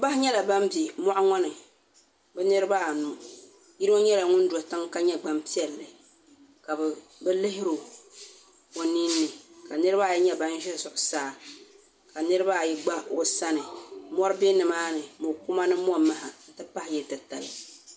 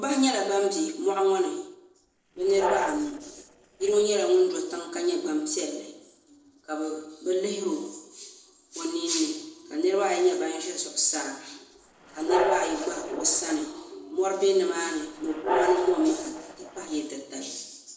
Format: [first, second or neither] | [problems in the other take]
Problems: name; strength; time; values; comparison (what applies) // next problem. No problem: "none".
first | noise reduction (neural separator model SepFormer DNS4)